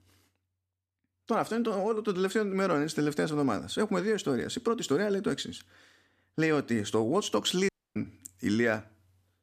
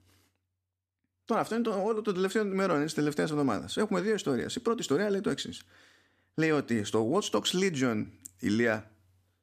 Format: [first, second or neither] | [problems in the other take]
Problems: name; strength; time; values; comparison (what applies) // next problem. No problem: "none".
second | audio cutting out; at 7.5 s